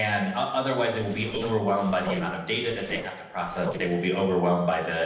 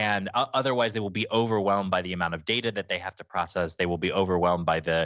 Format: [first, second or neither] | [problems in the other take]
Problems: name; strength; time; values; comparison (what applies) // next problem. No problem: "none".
second | noise reduction (neural separator model SepFormer DNS4)